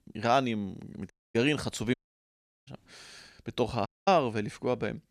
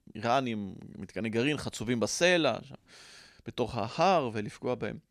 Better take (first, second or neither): second